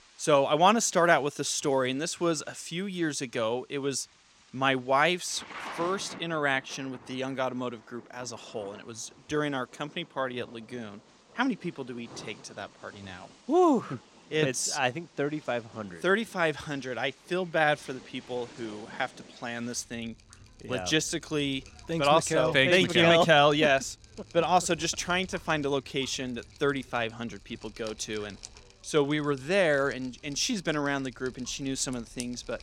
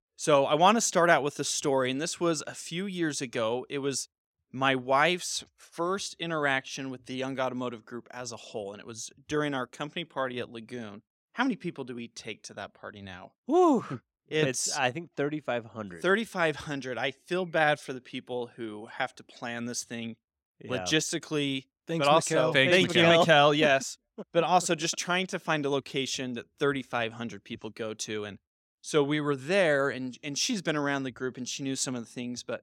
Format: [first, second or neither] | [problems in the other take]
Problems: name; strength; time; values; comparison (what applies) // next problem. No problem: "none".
second | rain or running water; faint; throughout; 20 dB below the speech